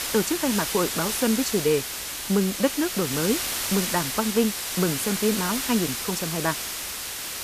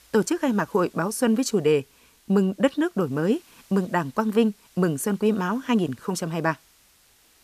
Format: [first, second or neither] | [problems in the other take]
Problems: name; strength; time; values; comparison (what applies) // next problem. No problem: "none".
second | hiss; loud; throughout; 2 dB below the speech; faint in the second